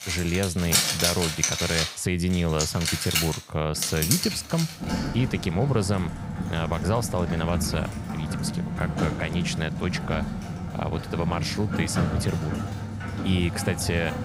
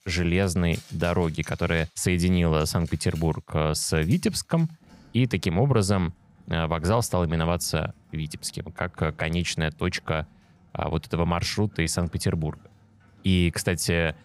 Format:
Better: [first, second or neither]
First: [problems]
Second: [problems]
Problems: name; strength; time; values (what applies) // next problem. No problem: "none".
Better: second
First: household noises; loud; throughout; 1 dB below the speech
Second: household noises; faint; throughout; 25 dB below the speech